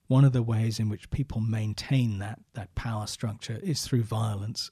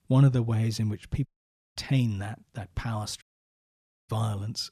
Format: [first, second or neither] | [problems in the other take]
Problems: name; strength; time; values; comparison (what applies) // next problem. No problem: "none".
first | audio cutting out; at 1.5 s for 0.5 s and at 3 s for 1 s